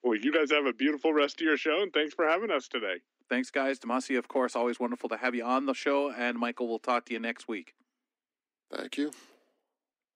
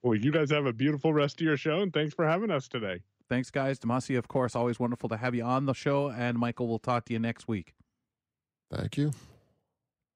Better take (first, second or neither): second